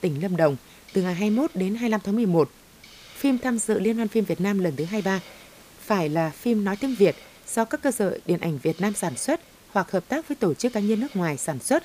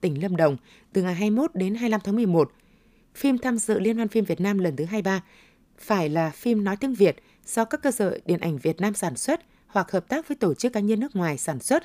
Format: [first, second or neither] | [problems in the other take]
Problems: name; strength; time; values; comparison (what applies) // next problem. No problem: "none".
second | hiss; faint; throughout; 20 dB below the speech